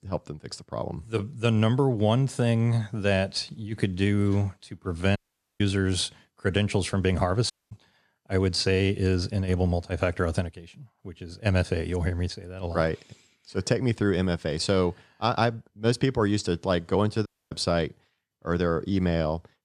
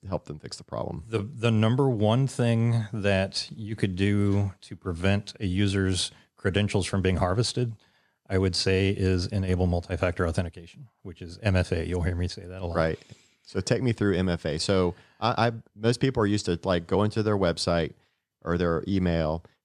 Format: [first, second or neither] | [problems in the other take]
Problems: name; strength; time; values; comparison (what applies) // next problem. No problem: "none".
second | audio cutting out; at 5 s, at 7.5 s and at 17 s